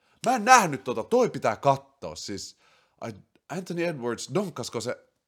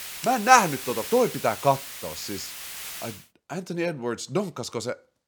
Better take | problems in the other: first | hiss; noticeable; until 3 s; 10 dB below the speech

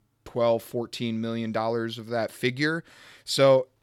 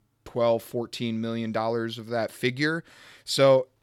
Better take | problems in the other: neither | none

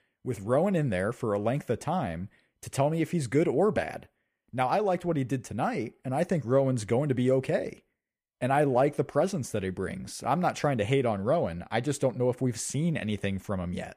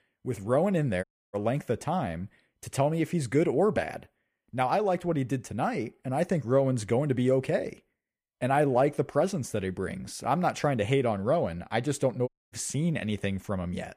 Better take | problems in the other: first | audio cutting out; at 1 s and at 12 s

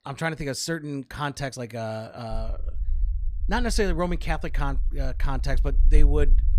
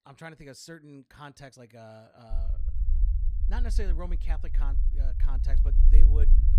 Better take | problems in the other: first | low rumble; loud; from 2.5 s on; 5 dB below the speech; faint in the first

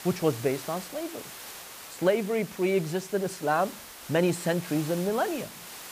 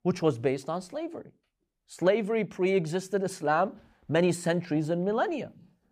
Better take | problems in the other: second | hiss; noticeable; throughout; 15 dB below the speech

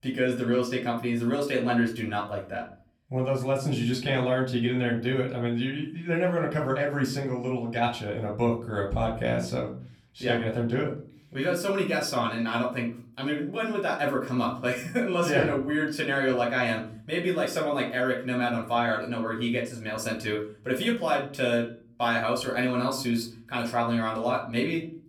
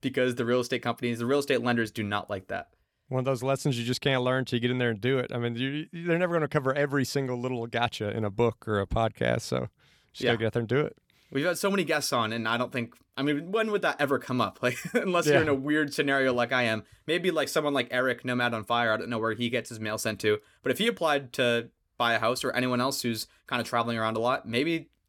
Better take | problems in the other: second | off-mic speech; far // room echo; slight; dies away in 0.4 s

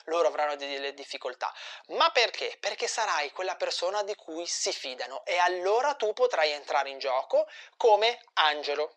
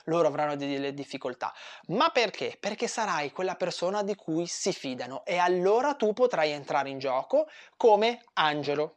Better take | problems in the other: second | thin; very; fading below 450 Hz

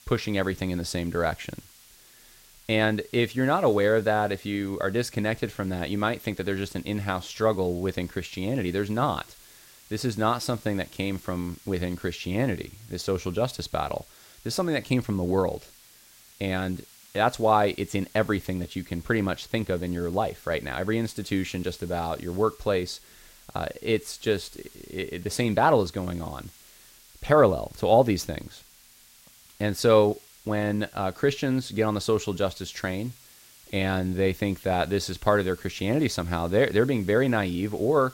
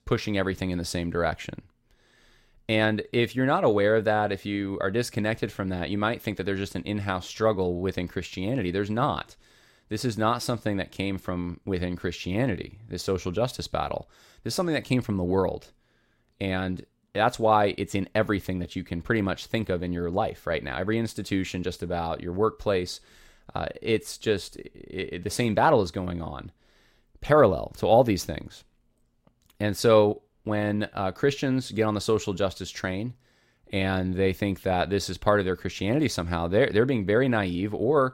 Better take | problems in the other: second | hiss; faint; throughout; 25 dB below the speech

